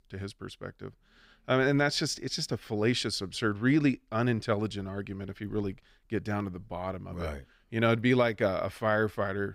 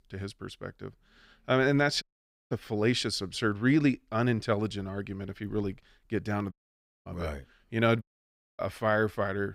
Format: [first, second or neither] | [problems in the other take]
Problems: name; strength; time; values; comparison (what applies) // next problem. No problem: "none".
first | audio cutting out; at 2 s, at 6.5 s for 0.5 s and at 8 s for 0.5 s